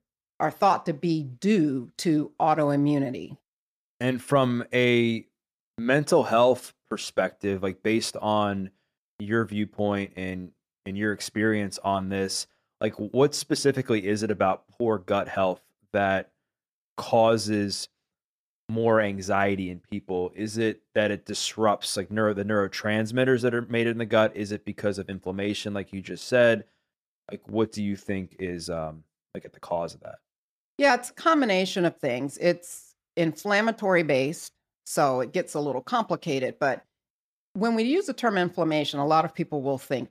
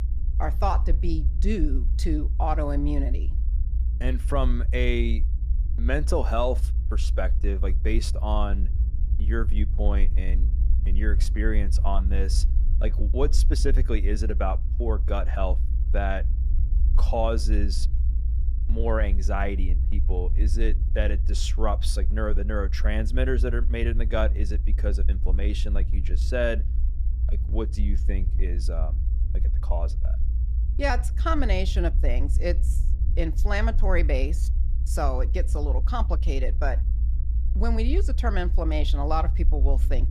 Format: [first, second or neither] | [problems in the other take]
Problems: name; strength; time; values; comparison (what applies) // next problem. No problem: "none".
first | low rumble; noticeable; throughout; 15 dB below the speech